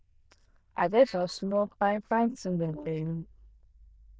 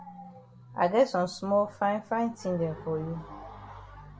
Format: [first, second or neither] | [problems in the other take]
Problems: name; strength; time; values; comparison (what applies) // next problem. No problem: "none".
second | noise reduction (neural diffusion model UNIVERSE++)